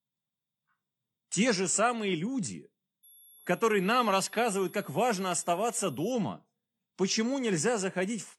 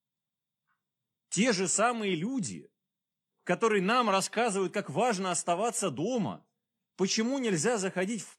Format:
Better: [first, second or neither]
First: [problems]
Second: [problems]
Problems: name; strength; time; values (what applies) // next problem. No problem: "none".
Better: second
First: high-pitched whine; faint; from 3 to 6 s; 11.5 kHz, 25 dB below the speech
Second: none